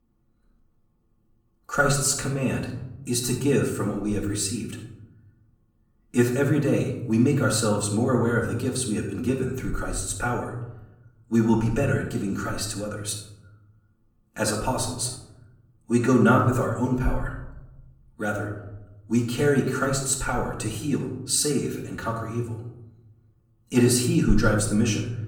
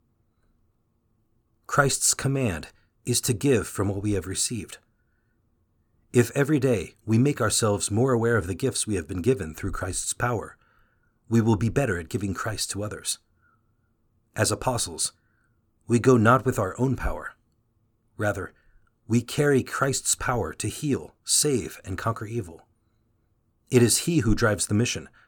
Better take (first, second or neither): second